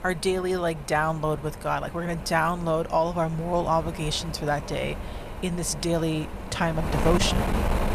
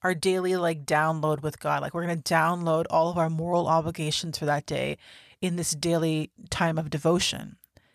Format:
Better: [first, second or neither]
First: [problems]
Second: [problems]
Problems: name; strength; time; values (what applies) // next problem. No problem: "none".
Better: second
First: wind noise on the microphone; heavy; 10 dB below the speech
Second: none